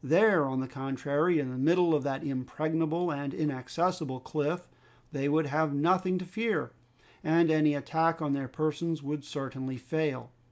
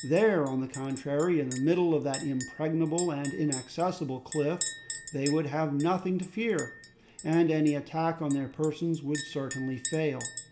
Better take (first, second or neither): first